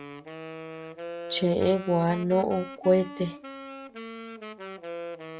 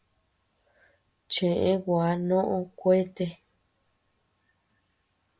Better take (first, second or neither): second